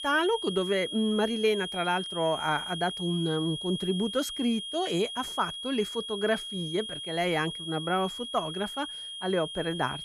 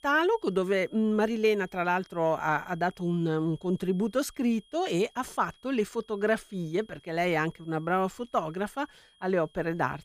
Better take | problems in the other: second | high-pitched whine; loud; throughout; 3.5 kHz, 5 dB below the speech; faint in the second

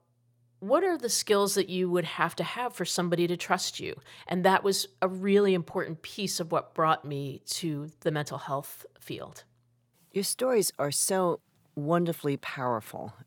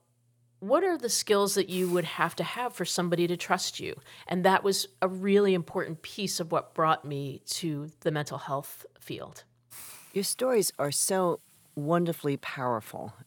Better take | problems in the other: first | hiss; faint; throughout; 20 dB below the speech

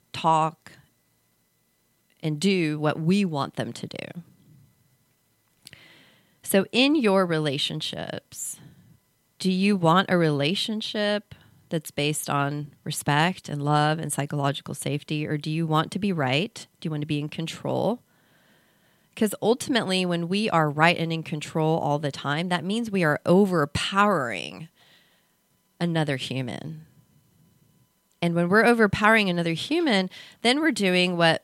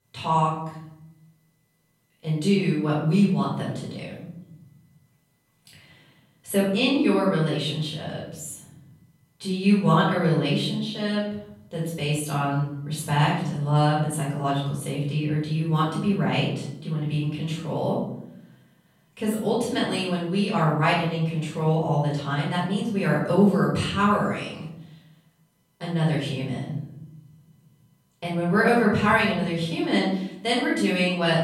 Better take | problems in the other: first | room echo; noticeable; dies away in 0.9 s // off-mic speech; far

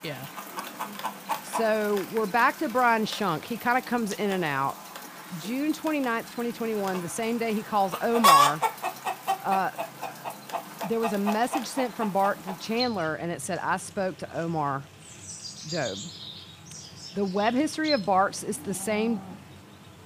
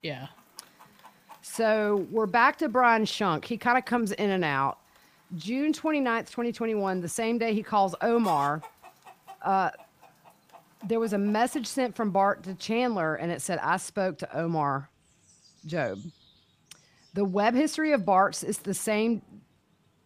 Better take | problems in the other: second | animal sounds; loud; throughout; 4 dB below the speech; faint in the second

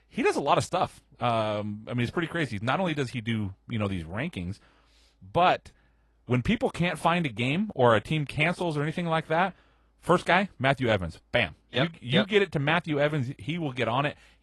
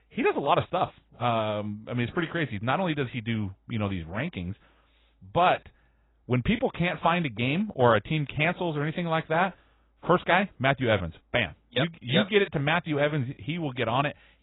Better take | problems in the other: first | garbled, watery; badly; nothing above 4 kHz; slightly in the first

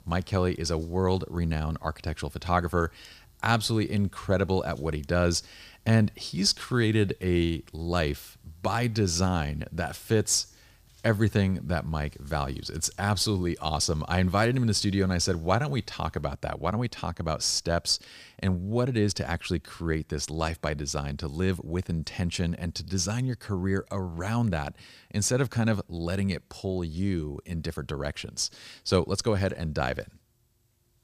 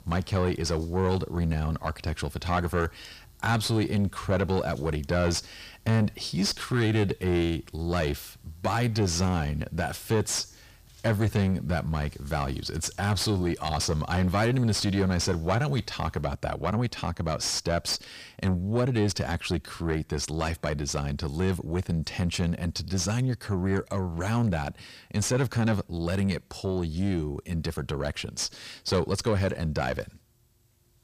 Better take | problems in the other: first | distortion; slight; 10 dB below the speech

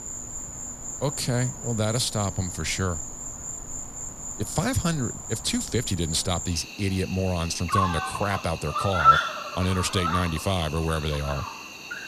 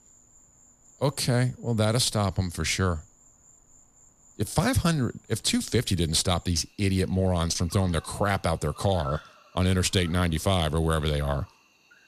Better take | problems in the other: second | animal sounds; loud; throughout; 2 dB below the speech; faint in the second

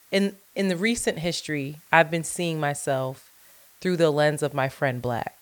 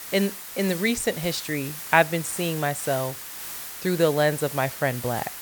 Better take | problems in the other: first | hiss; loud; throughout; 9 dB below the speech; faint in the first

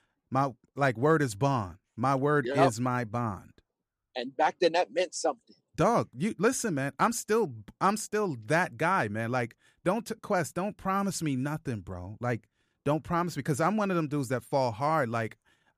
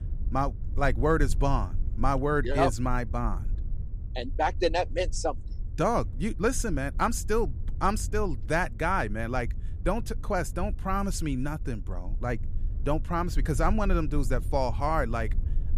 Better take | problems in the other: first | low rumble; faint; throughout; 25 dB below the speech

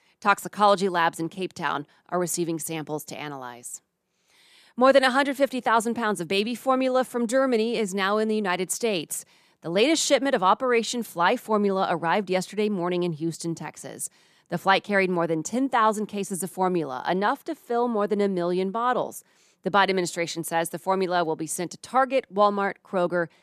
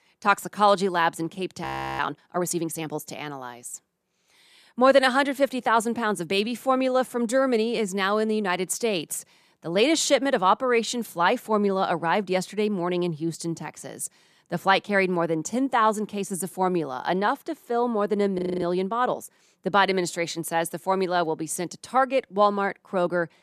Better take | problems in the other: first | audio freezing; at 1.5 s and at 18 s

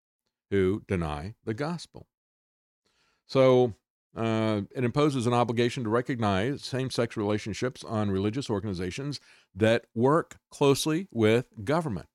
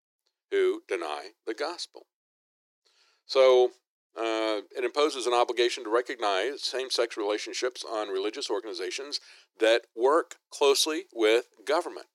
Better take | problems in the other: first | thin; very; fading below 350 Hz

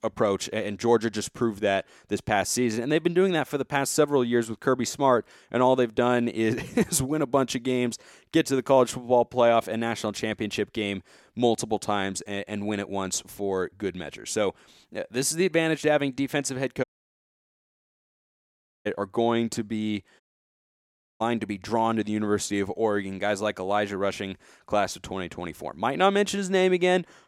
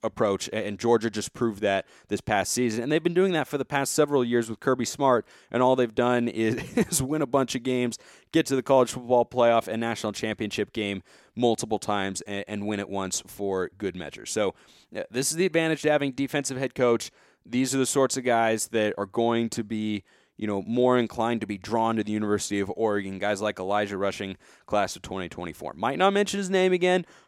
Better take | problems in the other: second | audio cutting out; at 17 s for 2 s and at 20 s for 1 s

